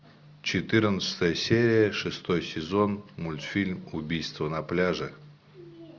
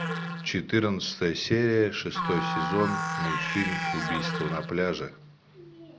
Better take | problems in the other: first | background sound (Musical instrument); 4 dB below the speech

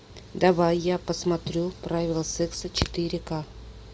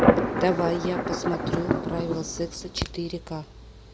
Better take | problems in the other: first | background sound (Thunder); 2 dB above the speech

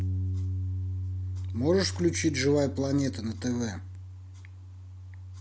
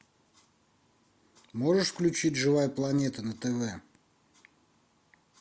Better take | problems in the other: second | background sound (Bass guitar); 4 dB below the speech

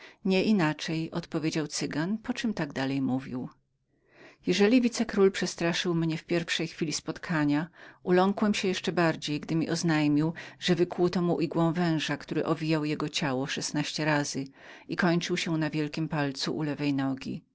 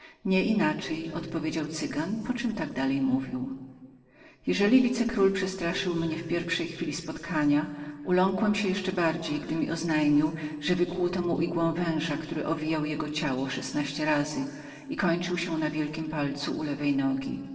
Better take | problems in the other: first | noise reduction (neural separator model SepFormer DNS4)

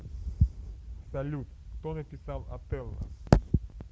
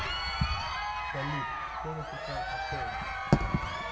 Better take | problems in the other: first | background sound (Crowd); as loud as the speech // room echo; dies away in 0.8 s

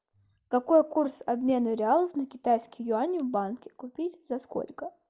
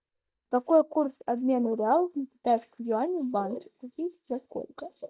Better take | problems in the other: first | noise reduction (neural mask model DeepFilterNet 3)

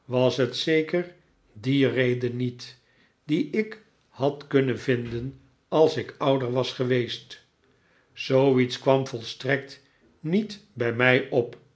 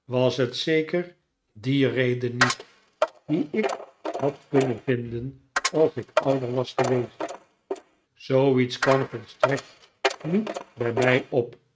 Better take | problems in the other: first | noise reduction (neural mask model RNNoise)

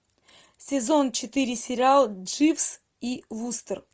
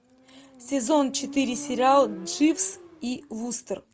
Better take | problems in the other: first | background sound (Motorcycle); 15 dB below the speech

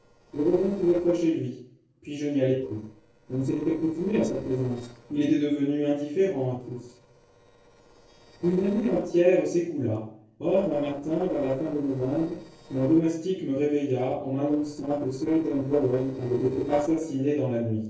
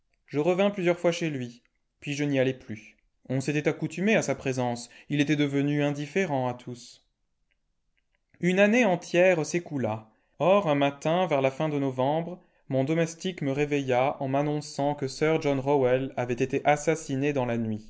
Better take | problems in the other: second | noise reduction (neural separator model SepFormer DNS4)

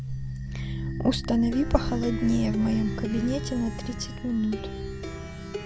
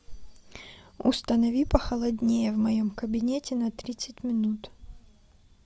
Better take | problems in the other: second | background sound (Plucked string instrument); 4 dB below the speech

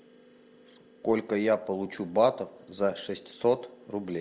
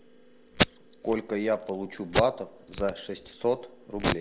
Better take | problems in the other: first | background sound (Packing tape, duct tape); 3 dB below the speech

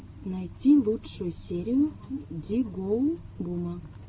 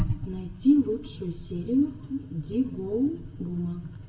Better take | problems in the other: first | room echo; dies away in 0.6 s

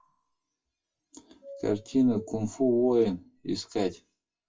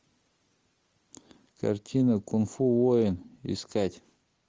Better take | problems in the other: second | noise reduction (classical method WPE with log-MMSE)

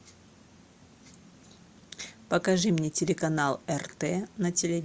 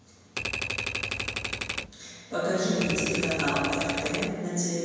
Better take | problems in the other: first | background sound (Typewriter); 2 dB below the speech // room echo; dies away in 1.9 s

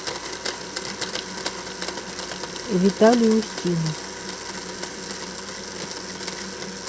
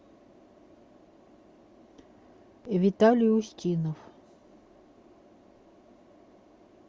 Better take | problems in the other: second | background sound (Domestic sounds, home sounds); 6 dB below the speech

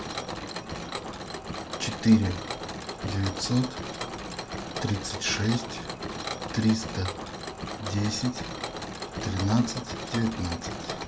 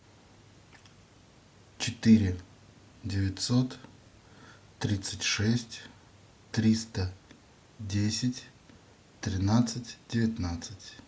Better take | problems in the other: second | background sound (Mechanisms); 5 dB below the speech

